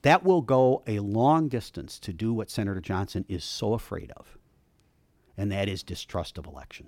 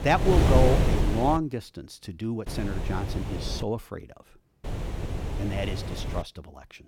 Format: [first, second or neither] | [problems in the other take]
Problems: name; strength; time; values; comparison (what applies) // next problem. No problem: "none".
first | wind noise on the microphone; heavy; until 1.5 s, from 2.5 to 3.5 s and from 4.5 to 6 s; 5 dB below the speech